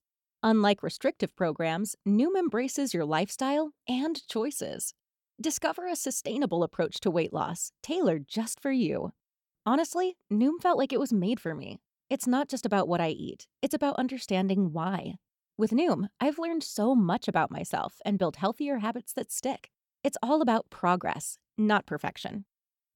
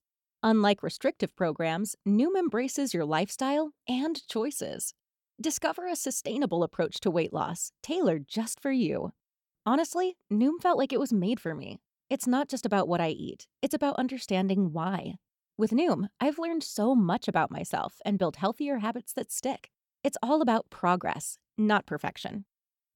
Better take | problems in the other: neither | none

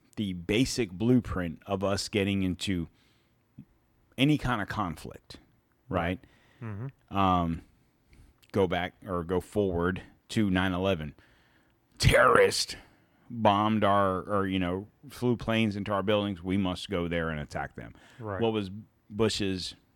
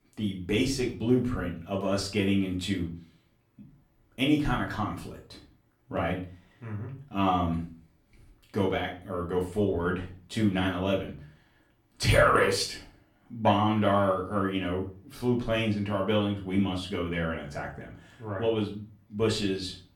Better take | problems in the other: first | room echo; slight; dies away in 0.3 s // off-mic speech; far

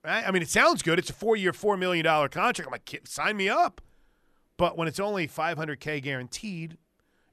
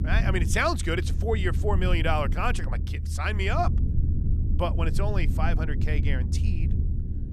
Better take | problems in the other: first | low rumble; noticeable; throughout; 15 dB below the speech

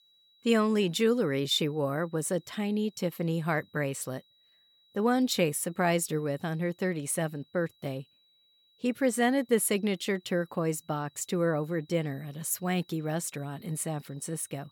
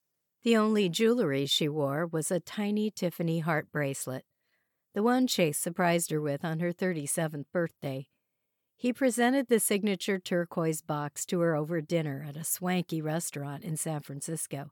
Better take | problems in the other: second | high-pitched whine; faint; throughout; 4 kHz, 35 dB below the speech

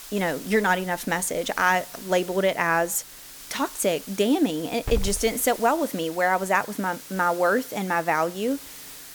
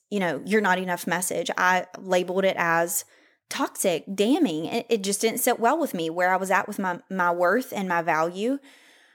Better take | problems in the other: second | hiss; noticeable; throughout; 15 dB below the speech

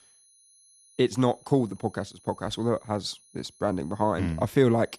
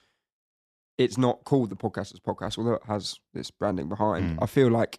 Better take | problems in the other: second | high-pitched whine; faint; throughout; 10.5 kHz, 30 dB below the speech

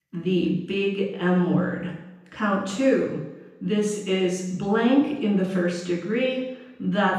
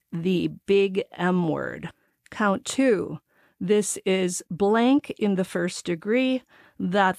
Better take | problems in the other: second | room echo; noticeable; dies away in 0.9 s // off-mic speech; far

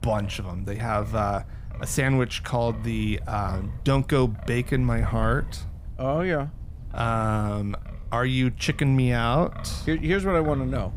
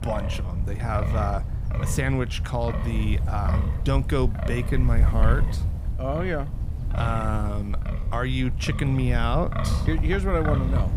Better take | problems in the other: first | wind noise on the microphone; heavy; 8 dB below the speech; occasional gusts in the first

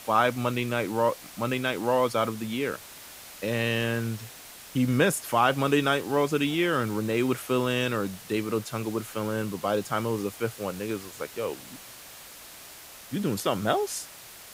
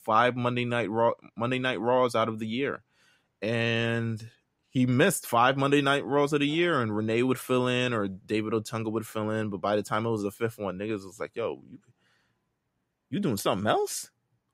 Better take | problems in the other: second | hiss; noticeable; throughout; 15 dB below the speech

